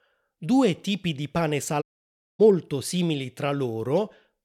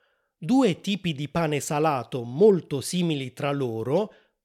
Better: second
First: audio cutting out; at 2 s for 0.5 s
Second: none

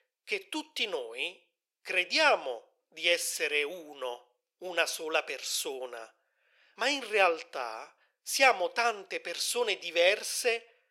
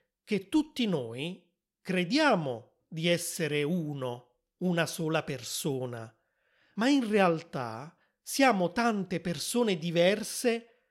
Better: second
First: thin; very; fading below 450 Hz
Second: none

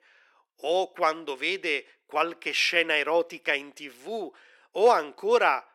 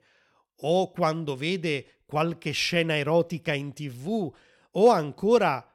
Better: second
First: thin; very; fading below 350 Hz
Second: none

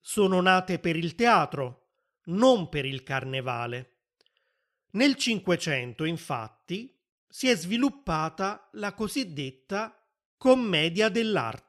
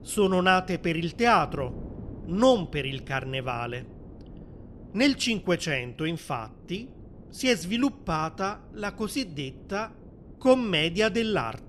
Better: first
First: none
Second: wind noise on the microphone; occasional gusts; 25 dB below the speech

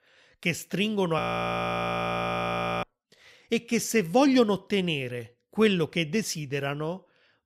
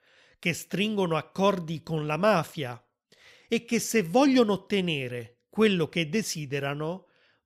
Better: second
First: audio freezing; at 1 s for 1.5 s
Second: none

